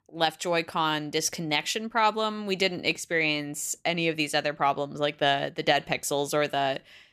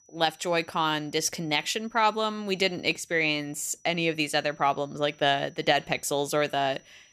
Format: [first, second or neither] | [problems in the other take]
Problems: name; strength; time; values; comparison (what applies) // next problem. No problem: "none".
first | high-pitched whine; faint; throughout; 6 kHz, 30 dB below the speech